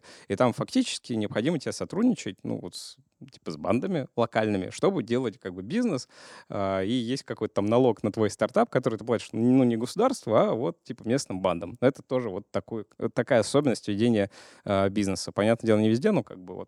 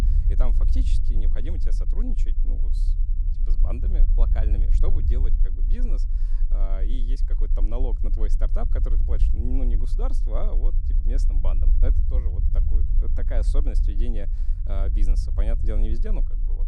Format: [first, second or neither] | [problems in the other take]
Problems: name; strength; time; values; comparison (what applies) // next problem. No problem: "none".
first | low rumble; loud; throughout; 7 dB below the speech